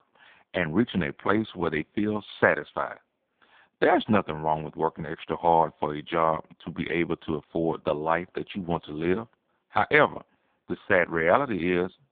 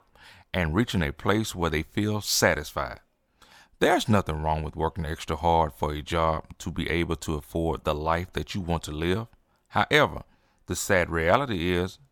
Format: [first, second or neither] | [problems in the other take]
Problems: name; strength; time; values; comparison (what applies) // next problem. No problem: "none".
second | phone-call audio; poor line; nothing above 3.5 kHz